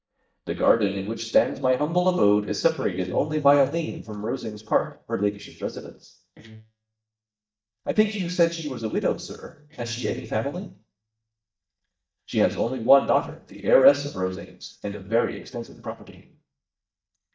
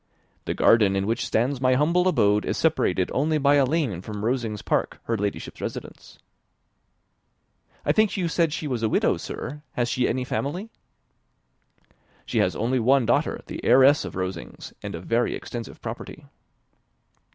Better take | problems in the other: second | noise reduction (neural mask model DeepFilterNet 3)

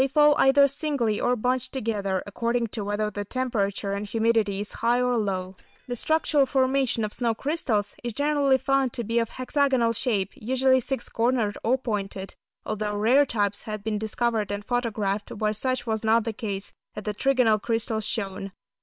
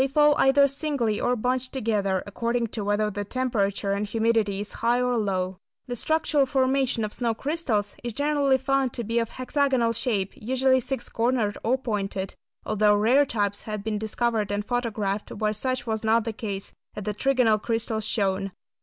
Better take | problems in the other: second | noise reduction (neural separator model SepFormer WHAM!)

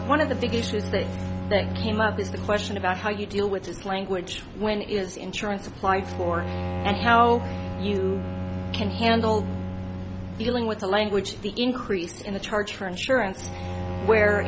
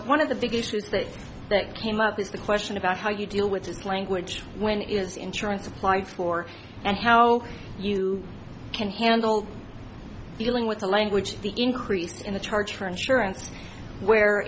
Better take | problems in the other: second | background sound (Bowed string instrument); 7 dB below the speech

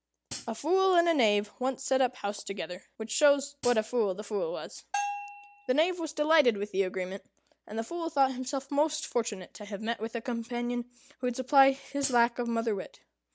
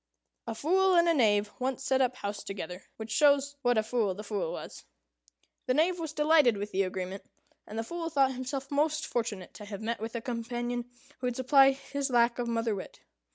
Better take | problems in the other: second | background sound (Hi-hat + Bell); 10 dB below the speech

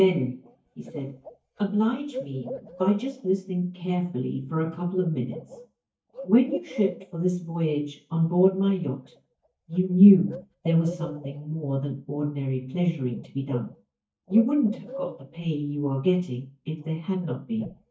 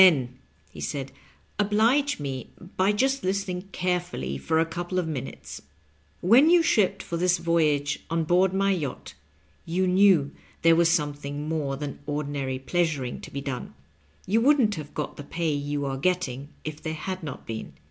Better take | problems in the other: second | noise reduction (neural mask model DeepFilterNet 3)

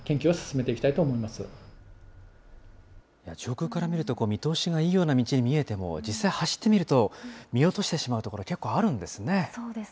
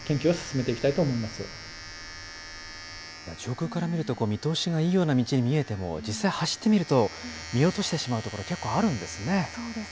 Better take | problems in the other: first | background sound (Domestic sounds, home sounds); 15 dB below the speech

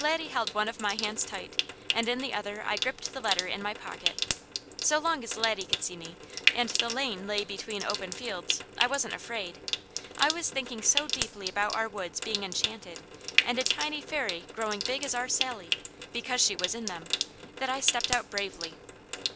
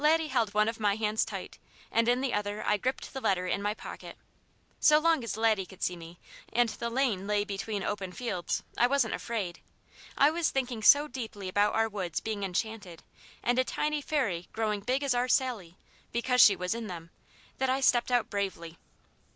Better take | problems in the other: second | background sound (Trickle, dribble / Sink (filling or washing) / Water tap, faucet); 2 dB below the speech

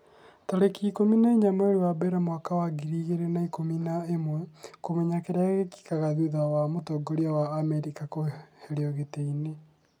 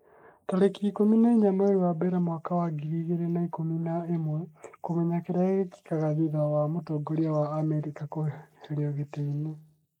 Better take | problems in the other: first | noise reduction (neural mask model Resemble Enhance denoiser)

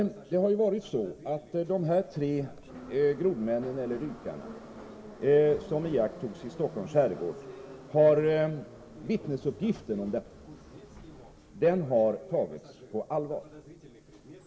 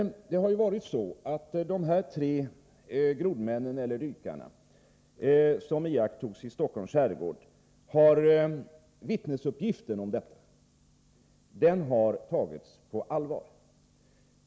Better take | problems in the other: second | background sound (Subway, metro, underground); 17 dB below the speech // room echo; dies away in 1.9 s

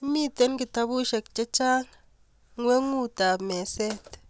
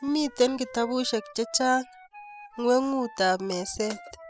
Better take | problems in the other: first | noise reduction (classical method spectral subtraction)

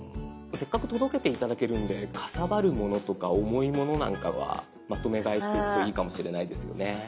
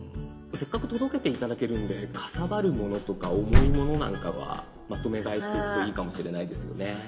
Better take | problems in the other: first | background sound (Slam); 4 dB above the speech // room echo; dies away in 1.5 s

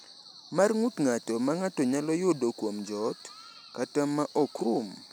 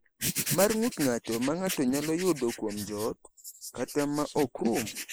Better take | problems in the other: first | noise reduction (neural mask model Resemble Enhance denoiser)

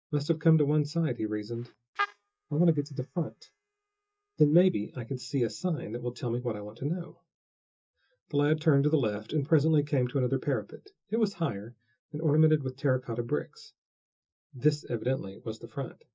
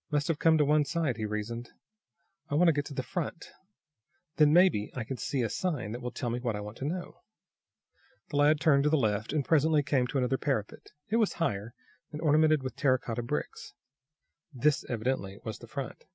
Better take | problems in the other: second | noise reduction (neural mask model DeepFilterNet 3)

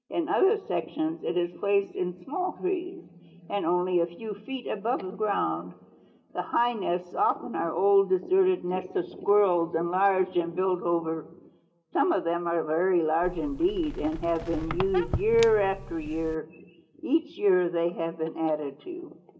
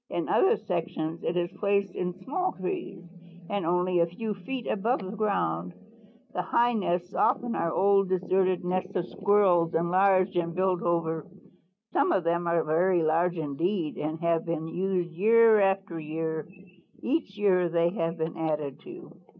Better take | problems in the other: second | background sound (Squeak); 8 dB below the speech // room echo; dies away in 0.7 s

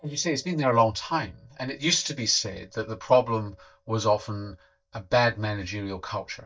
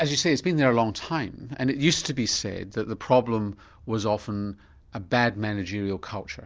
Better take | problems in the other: second | noise reduction (neural mask model DeepFilterNet 3)

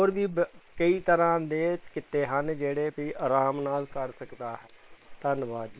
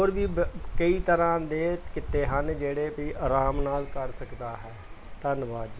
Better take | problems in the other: second | noise reduction (neural separator model SepFormer WHAM!)

